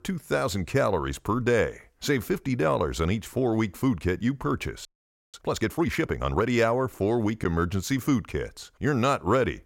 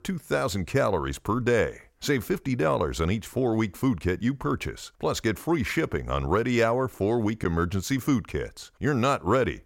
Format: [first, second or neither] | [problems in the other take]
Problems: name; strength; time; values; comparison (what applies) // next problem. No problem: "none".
second | audio freezing; at 5 s